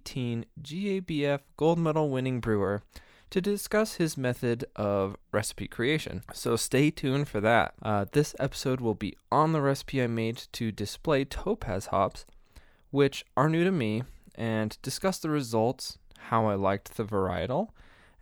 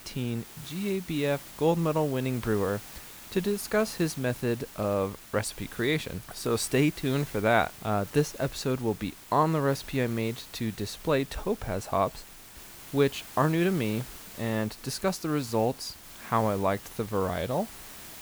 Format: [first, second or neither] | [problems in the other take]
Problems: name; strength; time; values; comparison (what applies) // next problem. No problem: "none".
first | hiss; noticeable; throughout; 15 dB below the speech